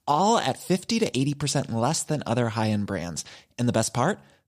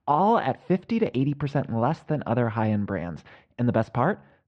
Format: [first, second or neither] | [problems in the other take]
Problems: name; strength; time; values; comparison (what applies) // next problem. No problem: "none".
first | muffled; very; fading above 2 kHz